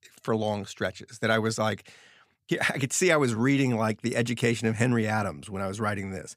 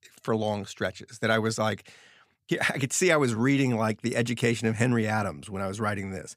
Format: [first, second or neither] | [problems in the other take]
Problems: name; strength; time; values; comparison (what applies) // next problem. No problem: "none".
neither | none